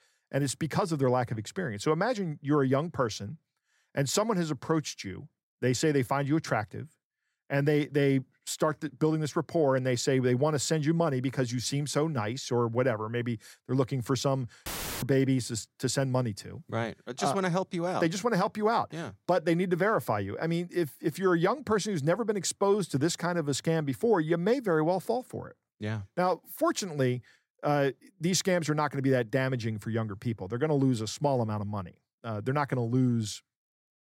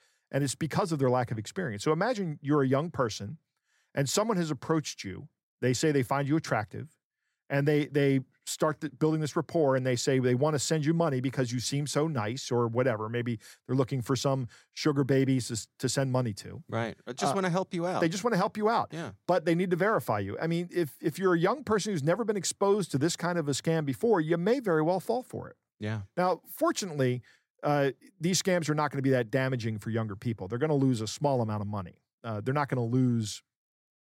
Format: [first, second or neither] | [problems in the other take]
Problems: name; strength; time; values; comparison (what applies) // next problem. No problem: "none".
second | audio cutting out; filled with static; at 15 s